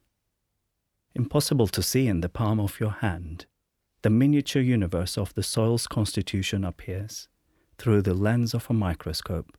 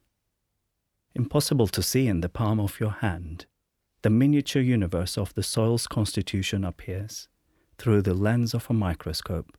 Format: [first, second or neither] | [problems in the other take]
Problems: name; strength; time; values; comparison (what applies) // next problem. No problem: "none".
neither | none